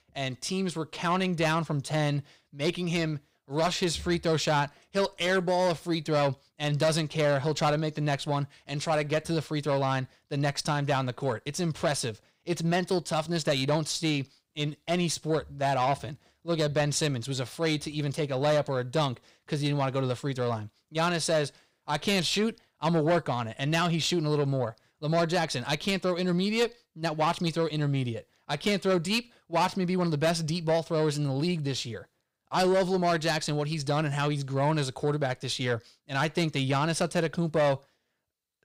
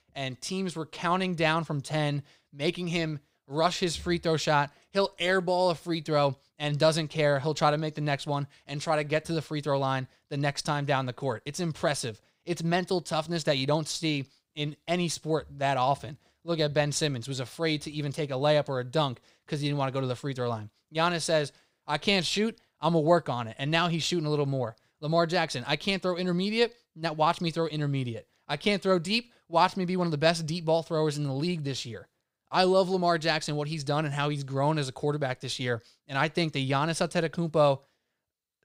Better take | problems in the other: second | distortion; slight; 10 dB below the speech

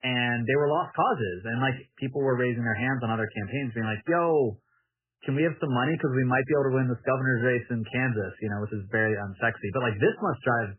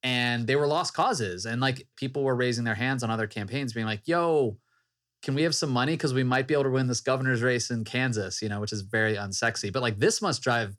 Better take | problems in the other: second | garbled, watery; badly; nothing above 3 kHz

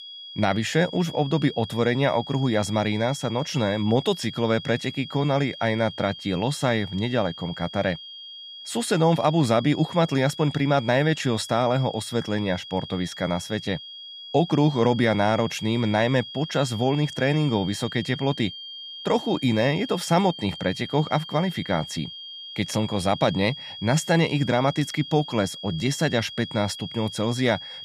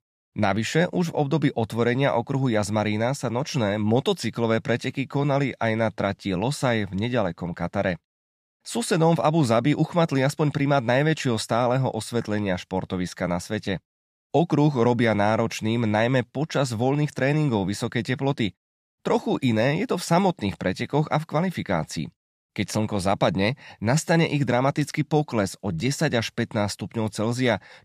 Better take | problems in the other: second | high-pitched whine; noticeable; throughout; 3.5 kHz, 10 dB below the speech

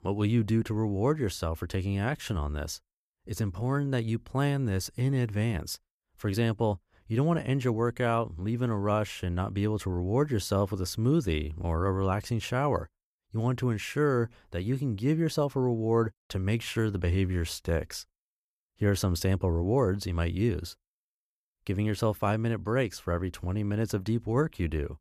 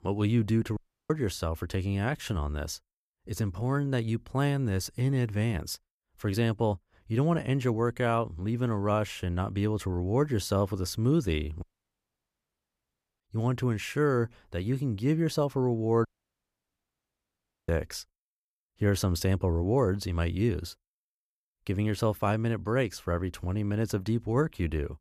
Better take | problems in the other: first | audio cutting out; at 1 s, at 12 s for 1.5 s and at 16 s for 1.5 s

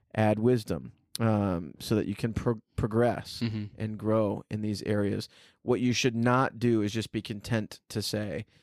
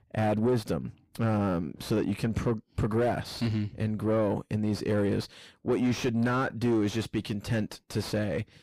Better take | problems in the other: first | distortion; heavy; 7 dB below the speech

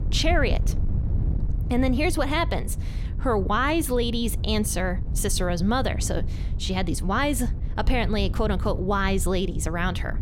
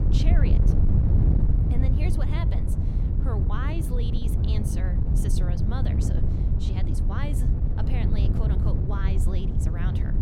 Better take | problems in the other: first | wind noise on the microphone; heavy; 1 dB above the speech; occasional gusts in the first

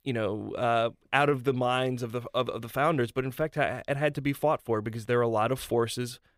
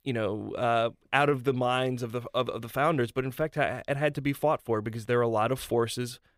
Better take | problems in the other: neither | none

